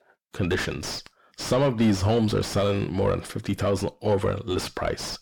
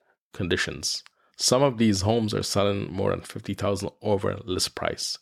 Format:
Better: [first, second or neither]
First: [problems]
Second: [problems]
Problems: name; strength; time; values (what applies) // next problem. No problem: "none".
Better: second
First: distortion; heavy; 5 dB below the speech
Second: none